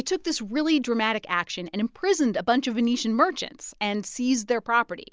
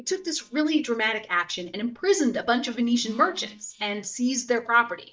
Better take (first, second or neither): first